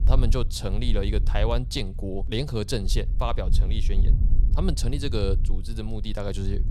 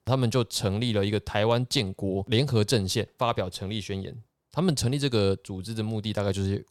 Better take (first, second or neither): second